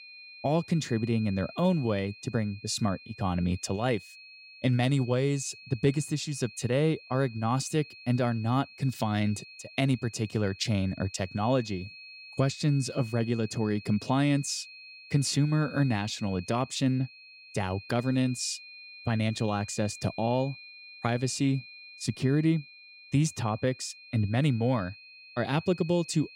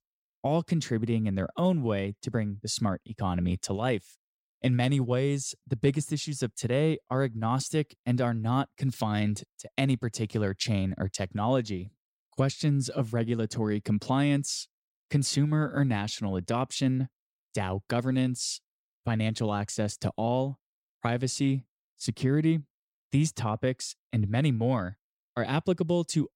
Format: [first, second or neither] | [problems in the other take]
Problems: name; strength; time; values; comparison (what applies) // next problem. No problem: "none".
second | high-pitched whine; noticeable; throughout; 2.5 kHz, 15 dB below the speech